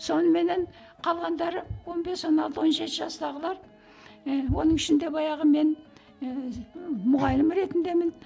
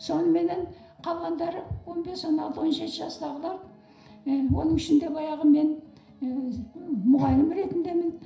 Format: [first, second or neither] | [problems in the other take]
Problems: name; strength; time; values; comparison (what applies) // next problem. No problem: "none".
first | room echo; dies away in 0.5 s